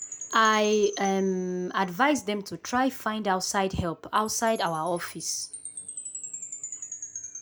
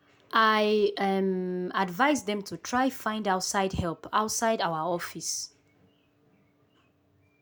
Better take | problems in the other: second | background sound (Chime); 15 dB below the speech

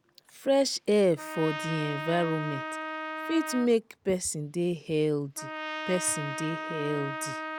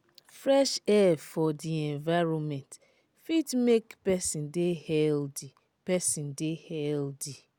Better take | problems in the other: second | background sound (Trumpet); 8 dB below the speech

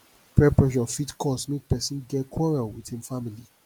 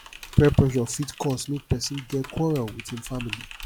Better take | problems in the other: first | background sound (Typing); 16 dB below the speech

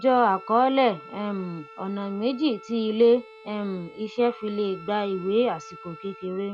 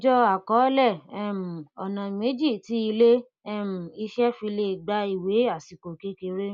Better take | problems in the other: second | background sound (Bowed string instrument + Wind instrument, woodwind instrument); 20 dB below the speech

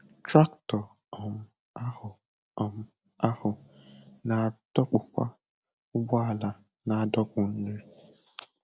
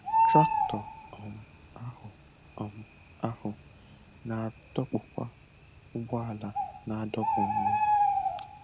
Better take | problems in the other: first | background sound (Bird); 5 dB above the speech

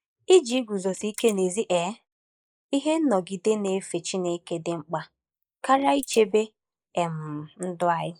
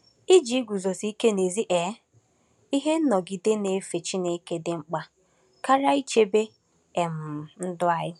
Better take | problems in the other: second | noise reduction (neural mask model Resemble Enhance denoiser)

